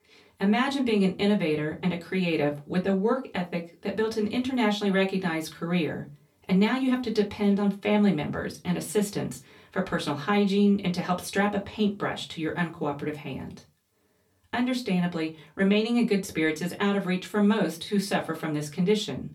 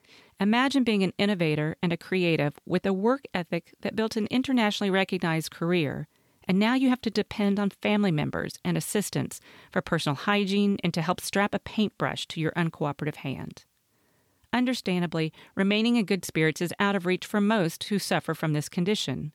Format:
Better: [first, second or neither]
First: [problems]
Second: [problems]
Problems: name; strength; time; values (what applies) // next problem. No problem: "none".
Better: second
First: off-mic speech; somewhat distant // room echo; very slight; dies away in 0.2 s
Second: none